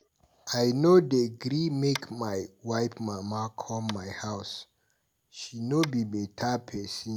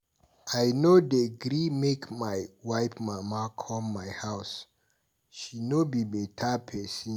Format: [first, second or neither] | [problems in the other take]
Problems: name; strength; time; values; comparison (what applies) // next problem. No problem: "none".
second | background sound (Tap); 20 dB below the speech